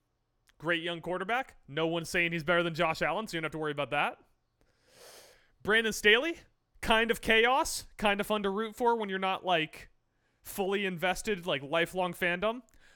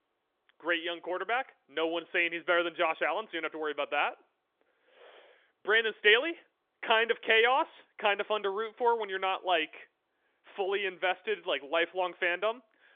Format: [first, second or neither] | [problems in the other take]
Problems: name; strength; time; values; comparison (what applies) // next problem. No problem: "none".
first | phone-call audio; nothing above 3.5 kHz